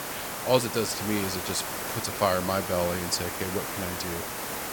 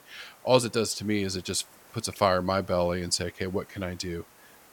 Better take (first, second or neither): second